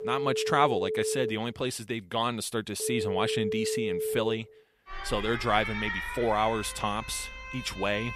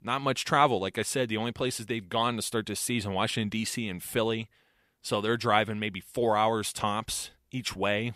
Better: second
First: alarms or sirens; loud; throughout; 4 dB below the speech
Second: none

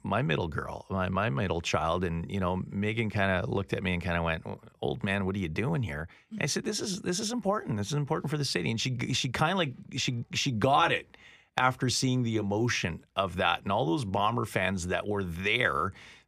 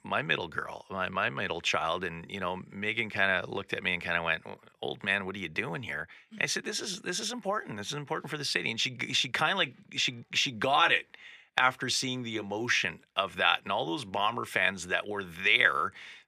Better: first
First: none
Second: thin; somewhat; fading below 400 Hz

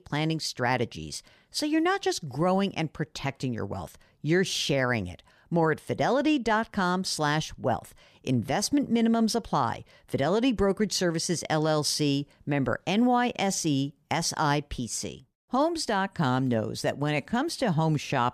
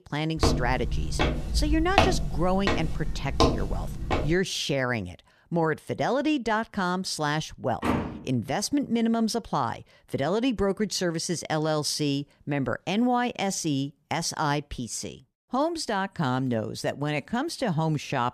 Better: first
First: none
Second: footsteps; loud; until 4.5 s; peak 5 dB above the speech // door banging; noticeable; at 8 s; peak level with the speech

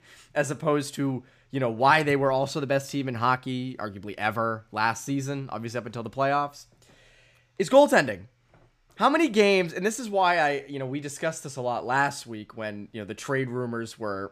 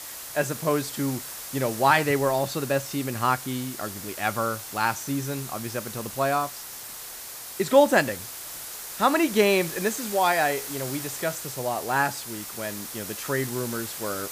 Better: first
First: none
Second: hiss; loud; throughout; 9 dB below the speech

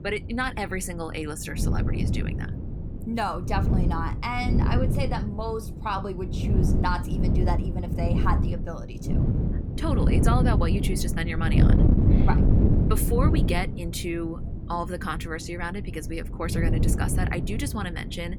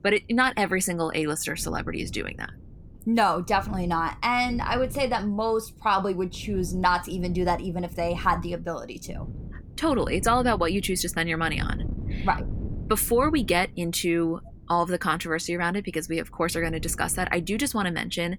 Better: second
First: wind noise on the microphone; heavy; 4 dB below the speech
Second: wind noise on the microphone; occasional gusts; 25 dB below the speech

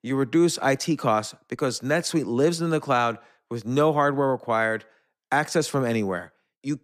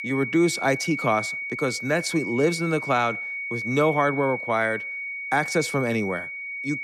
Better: first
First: none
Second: high-pitched whine; loud; throughout; 2 kHz, 5 dB below the speech

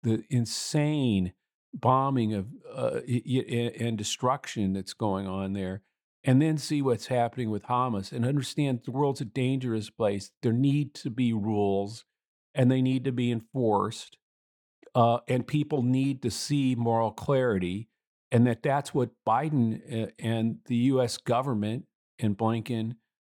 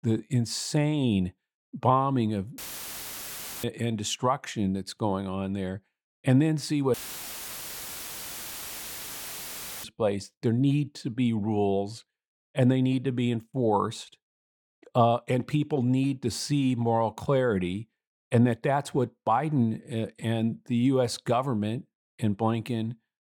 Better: first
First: none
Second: audio cutting out; filled with static; at 2.5 s for 1 s and at 7 s for 3 s

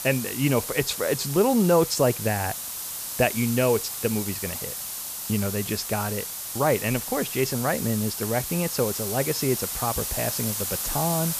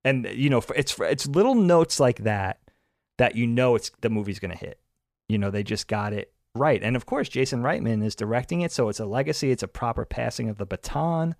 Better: second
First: hiss; loud; throughout; 4 dB below the speech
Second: none

